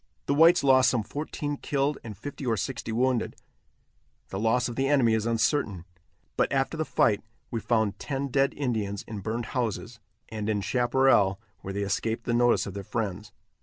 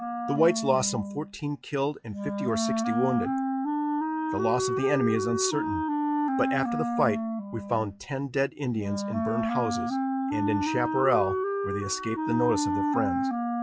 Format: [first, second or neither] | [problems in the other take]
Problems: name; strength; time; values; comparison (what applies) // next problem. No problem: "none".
first | noise reduction (classical method log-MMSE)